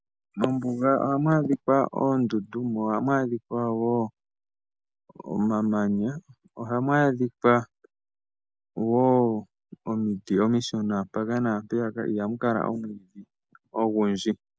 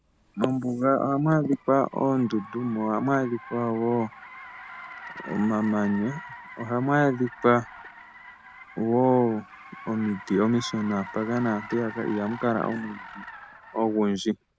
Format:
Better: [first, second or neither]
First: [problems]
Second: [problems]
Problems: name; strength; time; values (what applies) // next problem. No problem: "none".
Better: first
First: none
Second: background sound (Car); 17 dB below the speech